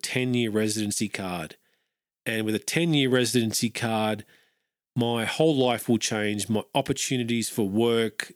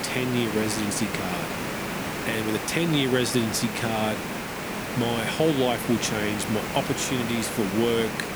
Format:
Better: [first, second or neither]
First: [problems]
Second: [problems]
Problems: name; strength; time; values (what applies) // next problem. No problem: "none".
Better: first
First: none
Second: hiss; loud; throughout; 4 dB below the speech